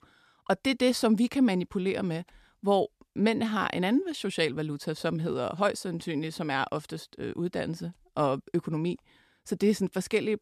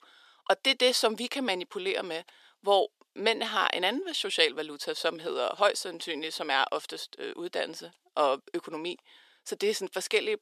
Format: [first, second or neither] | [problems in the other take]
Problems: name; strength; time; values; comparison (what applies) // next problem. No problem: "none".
first | thin; very; fading below 450 Hz